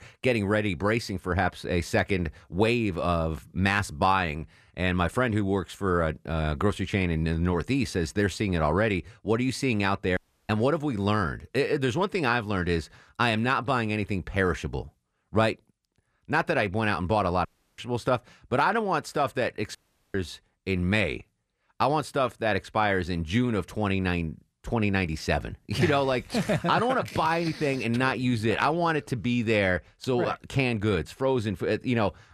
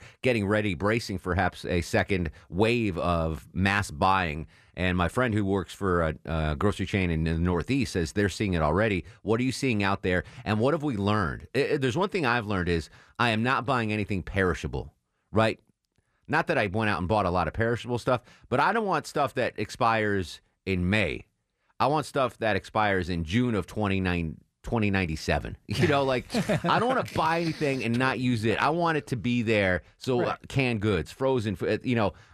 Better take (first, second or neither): second